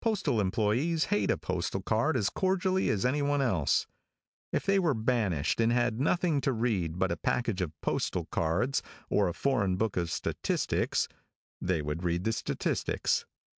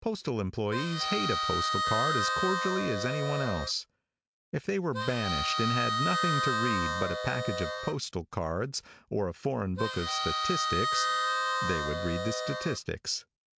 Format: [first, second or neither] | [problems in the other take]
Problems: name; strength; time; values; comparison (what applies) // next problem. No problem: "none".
first | background sound (Harmonica); 1 dB above the speech